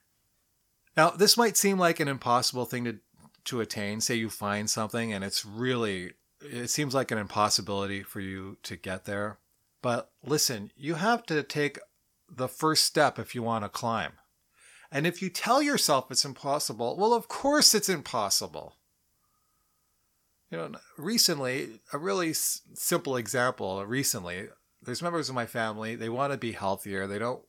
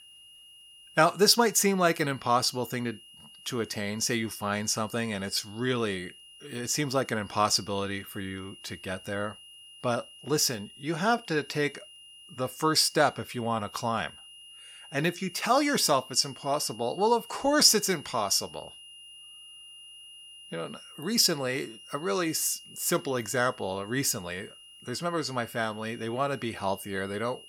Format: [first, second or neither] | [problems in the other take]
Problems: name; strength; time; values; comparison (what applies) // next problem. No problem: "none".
first | high-pitched whine; noticeable; throughout; 3 kHz, 20 dB below the speech